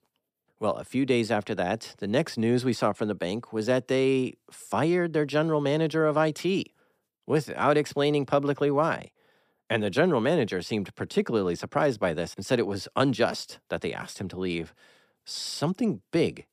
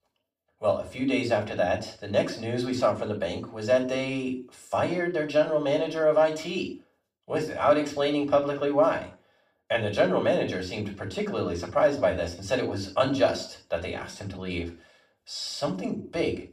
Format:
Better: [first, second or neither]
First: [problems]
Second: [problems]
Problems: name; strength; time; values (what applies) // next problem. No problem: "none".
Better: first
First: none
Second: room echo; slight; dies away in 0.3 s // off-mic speech; far